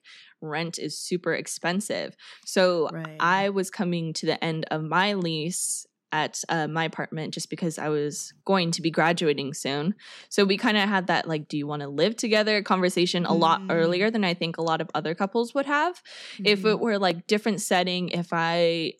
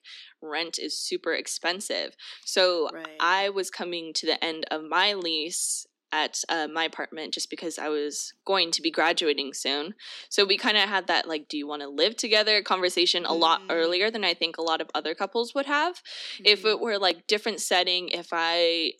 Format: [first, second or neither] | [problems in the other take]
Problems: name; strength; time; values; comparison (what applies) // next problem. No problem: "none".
first | thin; somewhat; fading below 250 Hz